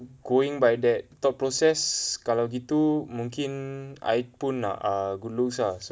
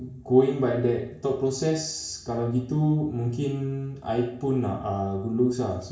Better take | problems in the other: first | room echo; dies away in 0.6 s

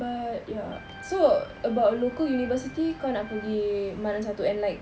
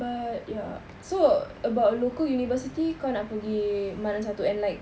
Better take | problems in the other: second | background sound (Organ); 18 dB below the speech

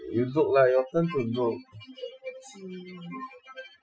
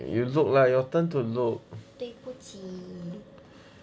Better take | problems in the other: second | noise reduction (classical method Wiener filter)

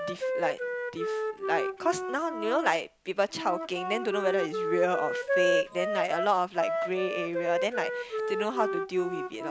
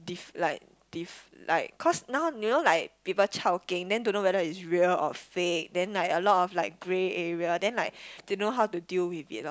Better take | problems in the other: second | background sound (Wind instrument, woodwind instrument); 1 dB below the speech

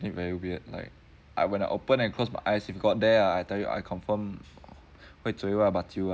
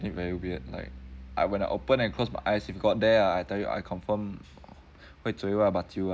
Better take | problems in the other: first | background sound (Bass guitar); 19 dB below the speech

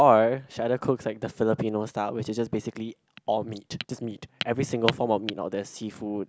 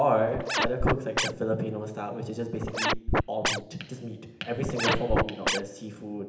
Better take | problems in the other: first | background sound (Scratching (performance technique)); 2 dB above the speech // room echo; dies away in 0.8 s

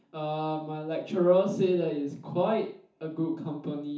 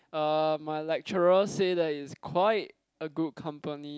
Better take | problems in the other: second | room echo; dies away in 0.9 s

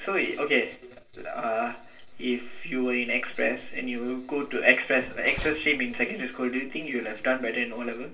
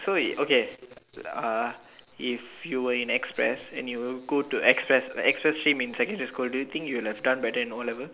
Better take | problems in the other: second | background sound (Slam); 12 dB below the speech // room echo; dies away in 0.2 s

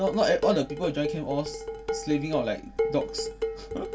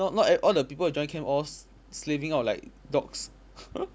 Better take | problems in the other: second | background sound (Dishes, pots, and pans); 4 dB below the speech // room echo; dies away in 0.2 s

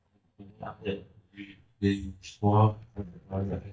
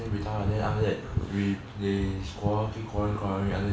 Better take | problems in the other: second | noise reduction (neural mask model DeepFilterNet 3)

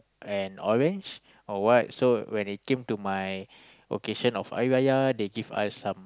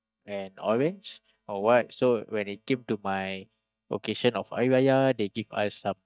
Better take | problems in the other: first | noise reduction (neural mask model DeepFilterNet 3)

